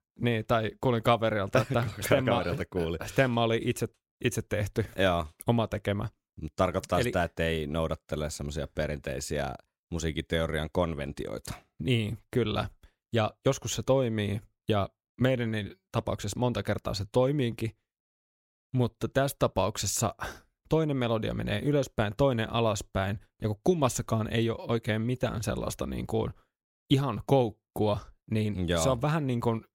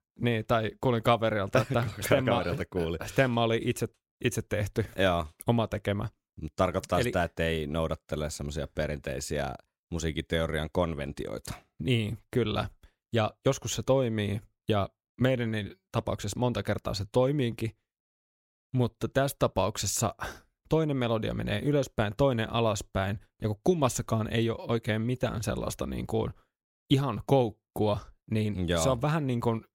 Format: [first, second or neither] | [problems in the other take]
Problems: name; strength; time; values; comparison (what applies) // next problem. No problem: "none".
neither | none